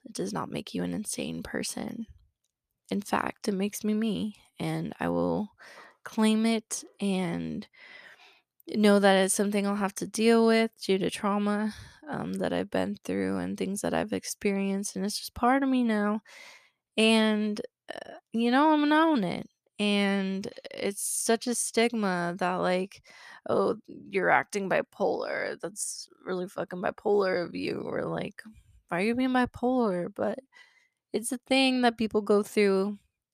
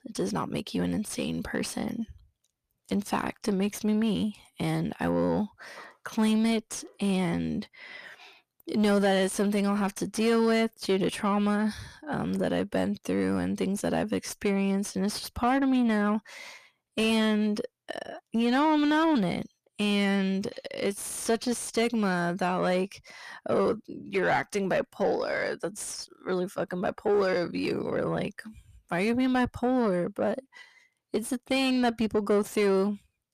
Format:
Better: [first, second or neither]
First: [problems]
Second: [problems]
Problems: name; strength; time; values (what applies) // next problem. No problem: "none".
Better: first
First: none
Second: distortion; slight; 10 dB below the speech